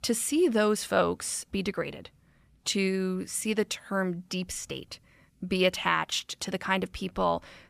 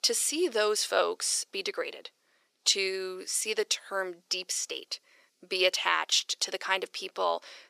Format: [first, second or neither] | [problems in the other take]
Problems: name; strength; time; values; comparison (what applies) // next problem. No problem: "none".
first | thin; very; fading below 400 Hz